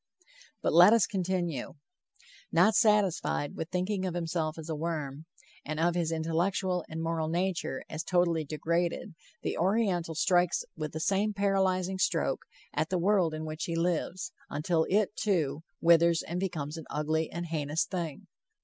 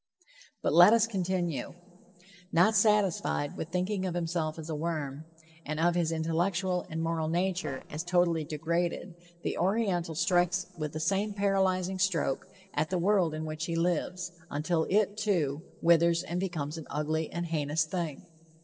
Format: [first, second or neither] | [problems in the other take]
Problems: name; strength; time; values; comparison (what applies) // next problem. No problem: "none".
first | noise reduction (neural separator model SepFormer DNS4)